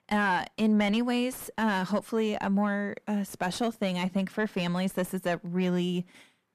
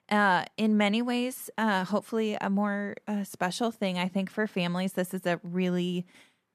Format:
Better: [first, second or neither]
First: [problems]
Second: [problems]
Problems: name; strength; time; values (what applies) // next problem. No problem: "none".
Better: second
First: distortion; slight; 10 dB below the speech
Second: none